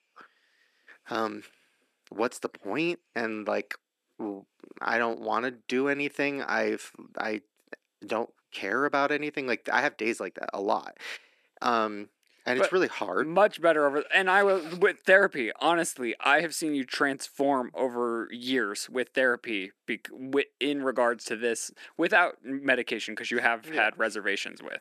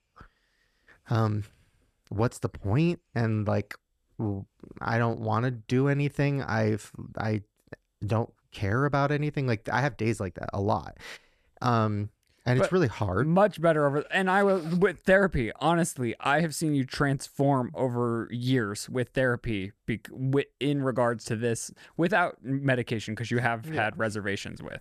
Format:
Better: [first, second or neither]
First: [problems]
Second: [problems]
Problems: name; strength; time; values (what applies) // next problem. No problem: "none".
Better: second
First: thin; somewhat; fading below 250 Hz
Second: none